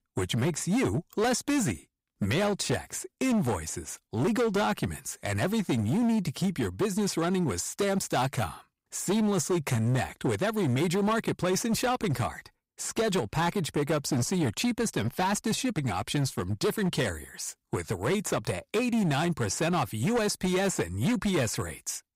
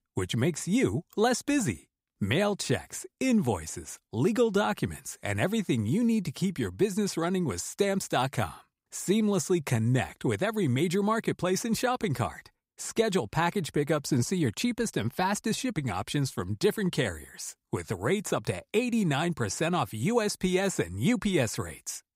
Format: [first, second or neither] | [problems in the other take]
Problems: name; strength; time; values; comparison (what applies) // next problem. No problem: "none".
second | distortion; slight; 14% of the sound clipped